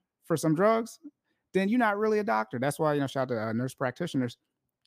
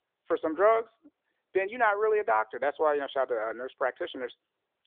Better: first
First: none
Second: phone-call audio; nothing above 3.5 kHz

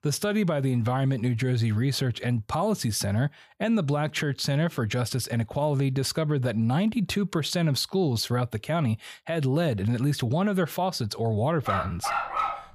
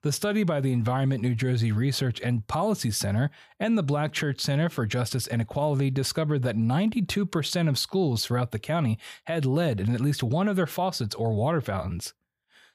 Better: second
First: dog barking; noticeable; at 12 s; peak 1 dB below the speech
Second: none

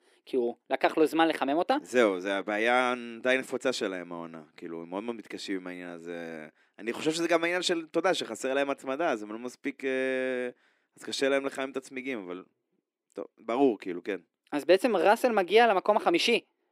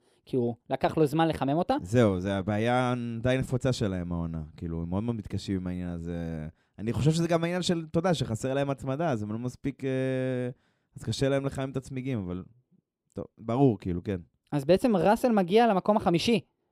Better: second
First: thin; somewhat; fading below 300 Hz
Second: none

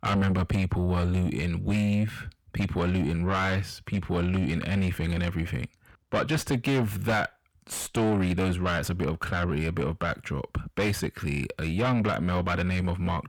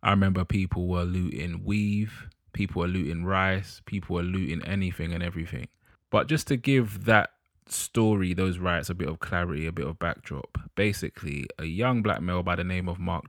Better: second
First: distortion; heavy; 7 dB below the speech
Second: none

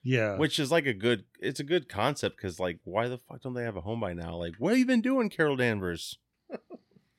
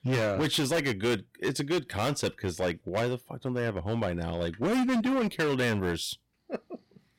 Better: first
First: none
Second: distortion; heavy; 16% of the sound clipped

